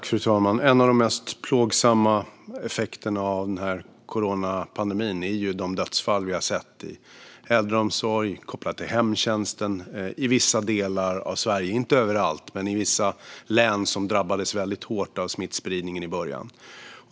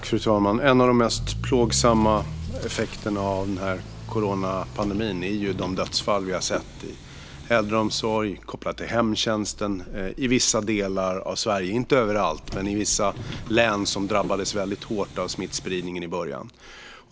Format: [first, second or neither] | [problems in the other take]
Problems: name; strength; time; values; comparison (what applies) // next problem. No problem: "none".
first | background sound (Subway, metro, underground + Accelerating, revving, vroom / Motor vehicle (road)); 12 dB below the speech